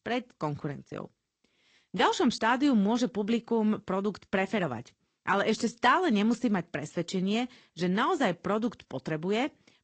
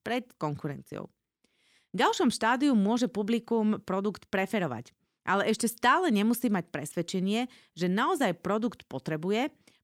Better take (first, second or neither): second